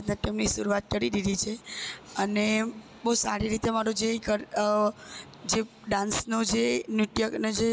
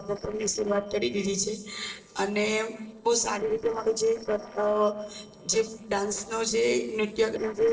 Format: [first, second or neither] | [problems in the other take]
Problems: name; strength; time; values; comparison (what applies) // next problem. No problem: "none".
first | noise reduction (neural separator model SepFormer DNS4)